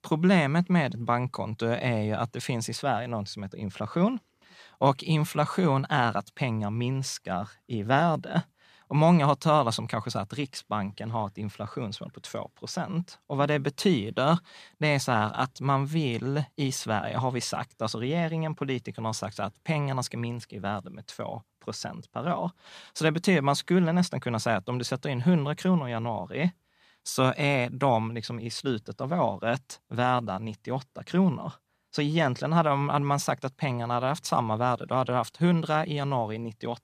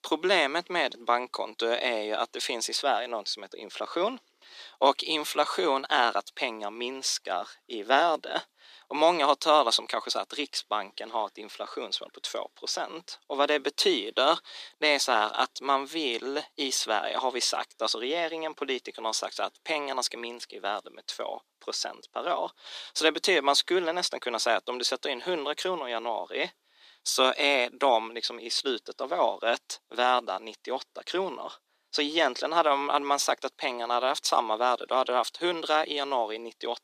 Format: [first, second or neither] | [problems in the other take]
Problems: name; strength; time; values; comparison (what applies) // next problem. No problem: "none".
first | thin; very; fading below 300 Hz